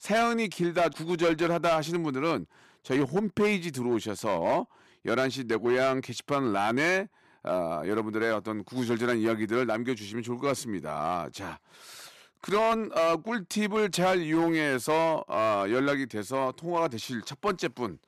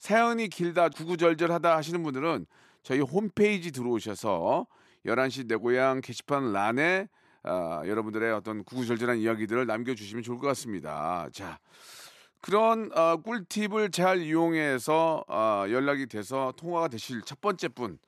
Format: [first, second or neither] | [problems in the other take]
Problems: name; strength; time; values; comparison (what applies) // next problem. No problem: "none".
second | distortion; slight; 6% of the sound clipped